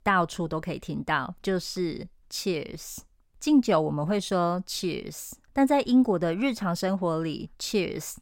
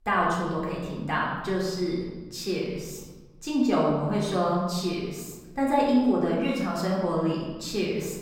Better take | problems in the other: first | room echo; noticeable; dies away in 1.2 s // off-mic speech; far

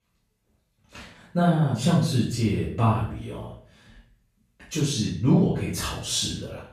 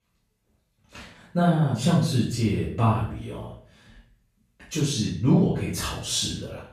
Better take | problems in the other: neither | off-mic speech; far; the same in both // room echo; noticeable; dies away in 0.5 s; the same in both

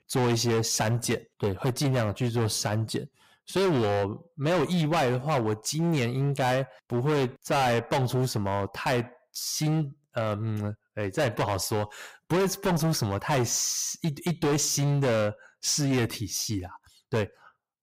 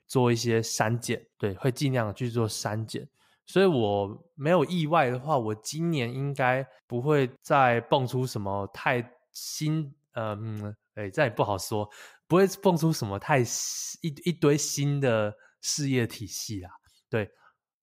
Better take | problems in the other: second | distortion; heavy; 16% of the sound clipped

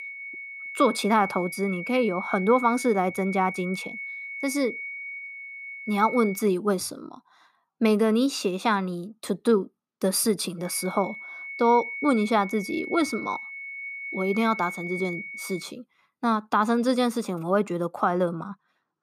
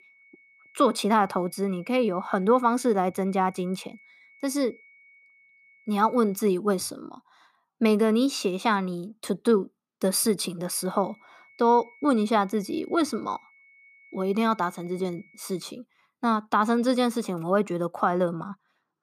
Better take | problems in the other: second | high-pitched whine; loud; until 6.5 s and from 11 to 16 s; 2 kHz, 9 dB below the speech; faint in the second

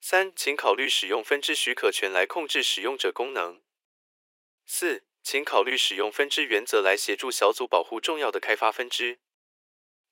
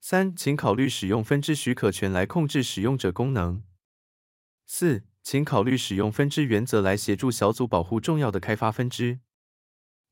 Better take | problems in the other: second | thin; very; fading below 400 Hz

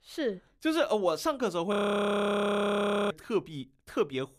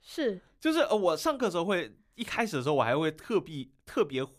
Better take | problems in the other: second | audio freezing; at 1.5 s for 1.5 s

